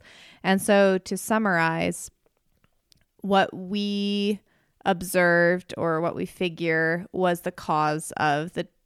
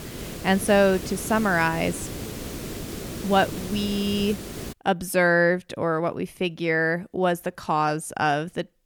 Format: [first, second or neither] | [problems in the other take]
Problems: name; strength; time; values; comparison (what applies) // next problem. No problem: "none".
first | hiss; noticeable; until 4.5 s; 10 dB below the speech